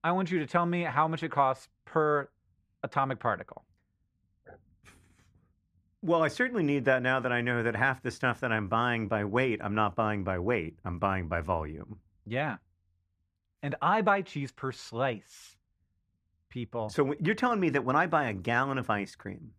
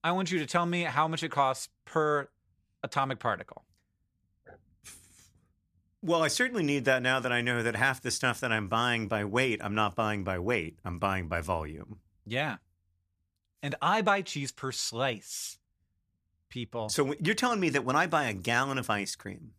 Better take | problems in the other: second | muffled; slightly; fading above 3 kHz

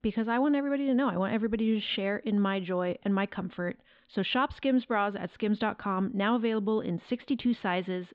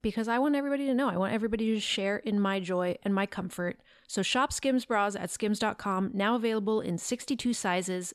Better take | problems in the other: second | muffled; very; fading above 3.5 kHz

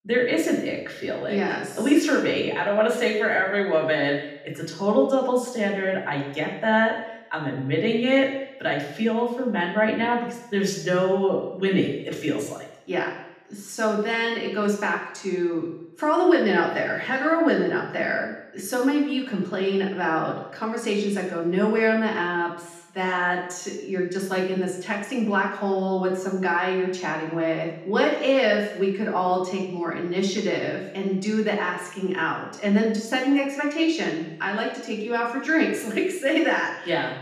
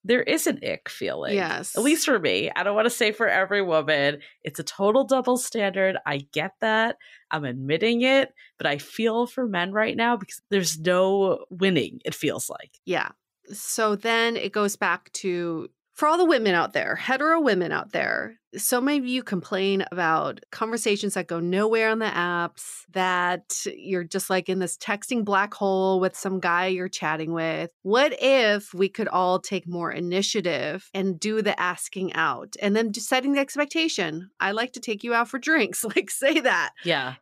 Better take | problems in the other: second | room echo; noticeable; dies away in 0.8 s // off-mic speech; far

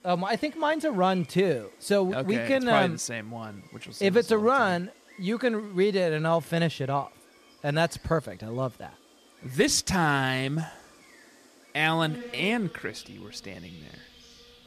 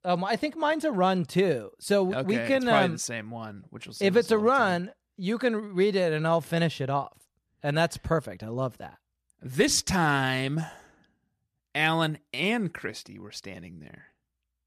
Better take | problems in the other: second | animal sounds; faint; throughout; 25 dB below the speech

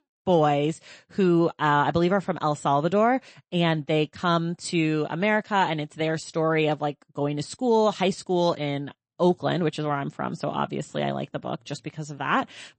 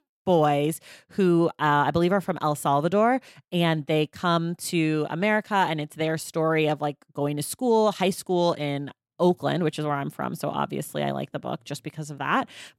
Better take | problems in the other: second | garbled, watery; slightly; nothing above 8 kHz

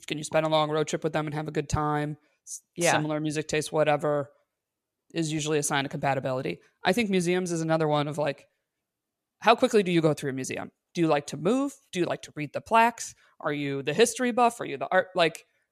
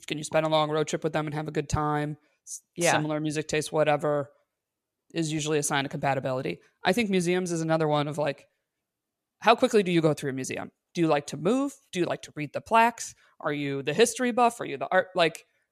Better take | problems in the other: neither | none

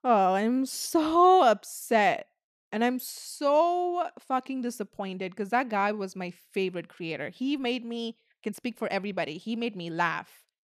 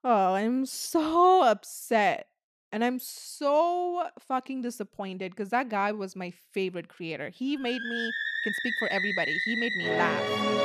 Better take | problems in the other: first | background music; loud; from 7.5 s on; as loud as the speech

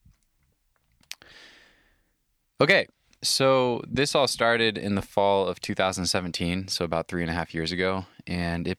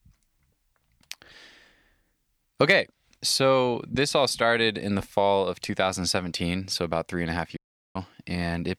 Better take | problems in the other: first | audio cutting out; at 7.5 s

